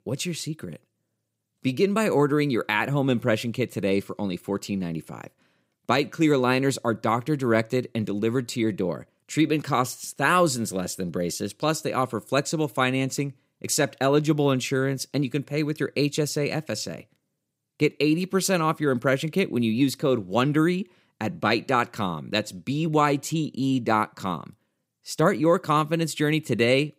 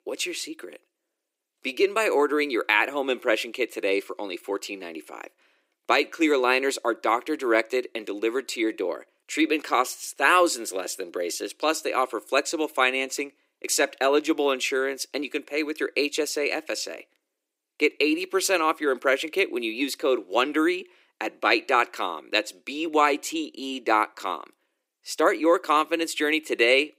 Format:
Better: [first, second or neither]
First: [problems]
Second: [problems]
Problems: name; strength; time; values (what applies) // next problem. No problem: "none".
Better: first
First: none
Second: thin; somewhat; fading below 350 Hz